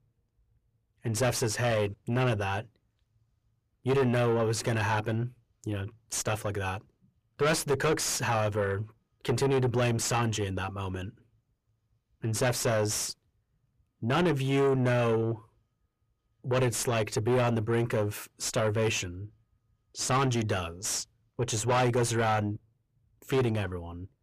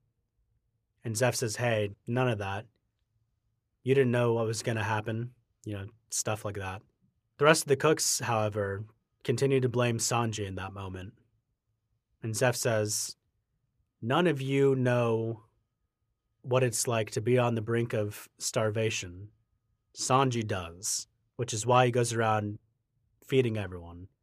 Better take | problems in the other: second | distortion; heavy; 6 dB below the speech

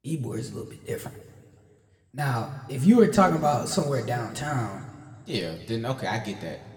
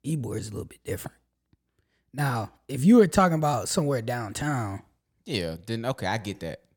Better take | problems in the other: second | room echo; slight; dies away in 1.6 s

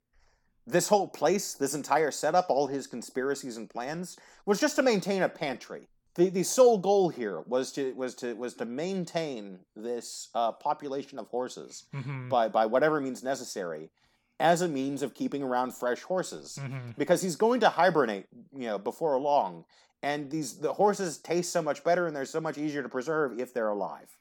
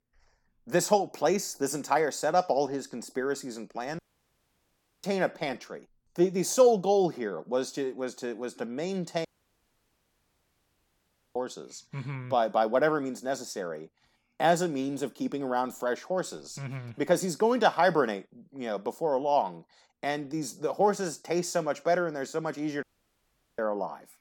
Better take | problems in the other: first | audio cutting out; at 4 s for 1 s, at 9.5 s for 2 s and at 23 s for 1 s

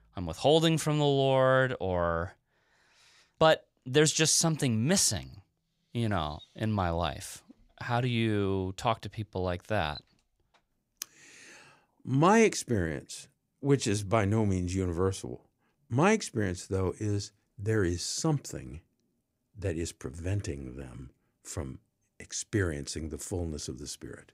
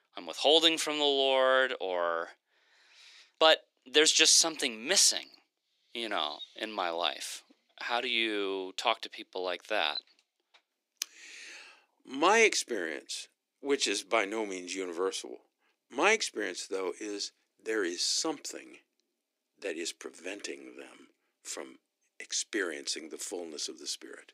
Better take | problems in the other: first | thin; somewhat; fading below 300 Hz

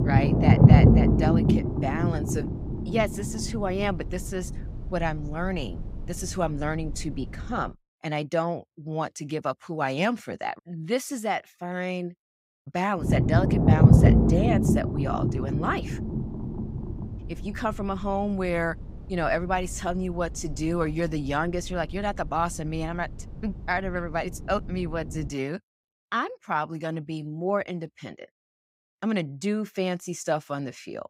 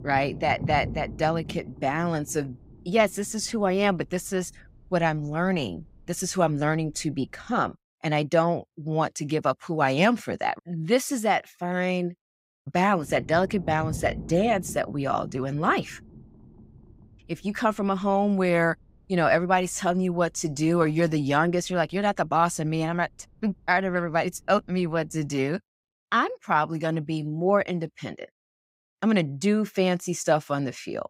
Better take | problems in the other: second | low rumble; loud; until 7.5 s and from 13 to 25 s; as loud as the speech; faint in the second

